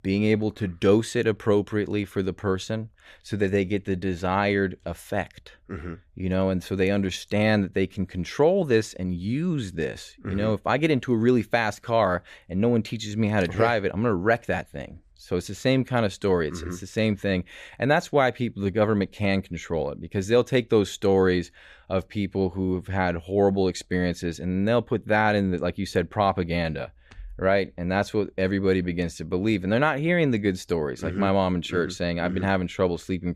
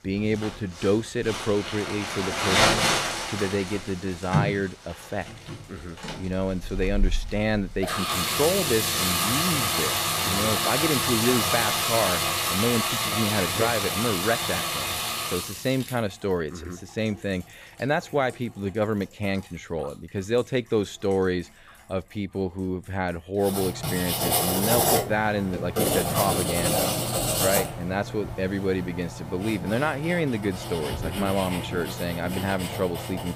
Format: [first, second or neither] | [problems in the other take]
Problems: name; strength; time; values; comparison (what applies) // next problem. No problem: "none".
first | household noises; very loud; throughout; 3 dB above the speech